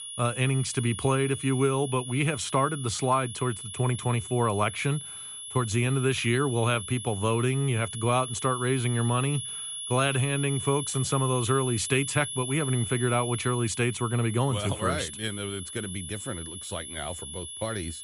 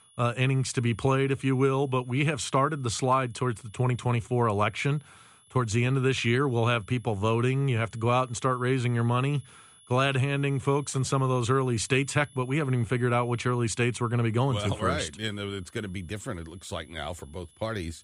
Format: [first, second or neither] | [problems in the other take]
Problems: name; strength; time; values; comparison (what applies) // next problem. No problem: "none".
second | high-pitched whine; loud; throughout; 10.5 kHz, 8 dB below the speech; faint in the second